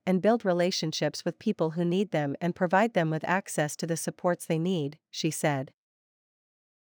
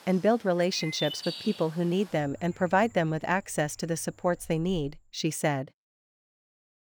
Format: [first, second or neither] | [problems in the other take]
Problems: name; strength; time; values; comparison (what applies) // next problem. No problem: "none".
first | animal sounds; noticeable; until 4.5 s; 15 dB below the speech